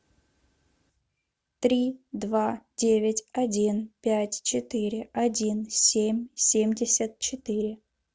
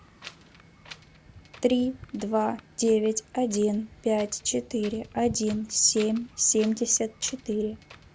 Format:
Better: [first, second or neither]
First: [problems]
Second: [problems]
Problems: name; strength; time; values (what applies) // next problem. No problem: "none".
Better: first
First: none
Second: background sound (Wind); 20 dB below the speech